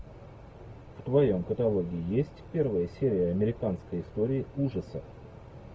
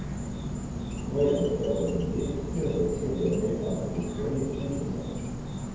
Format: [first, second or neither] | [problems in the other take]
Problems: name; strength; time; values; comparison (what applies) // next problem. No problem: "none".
first | background sound (Insect); 4 dB below the speech // room echo; dies away in 1.2 s